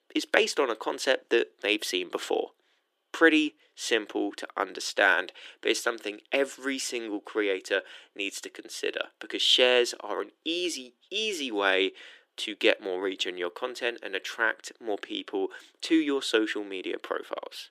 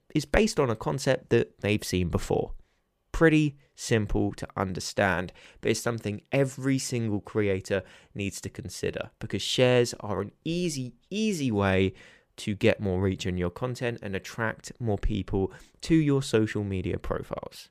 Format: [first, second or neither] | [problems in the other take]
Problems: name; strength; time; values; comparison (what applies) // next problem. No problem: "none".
second | thin; somewhat; fading below 300 Hz